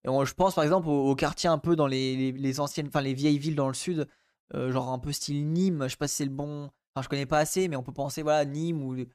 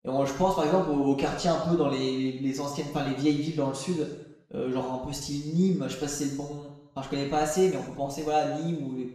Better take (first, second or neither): first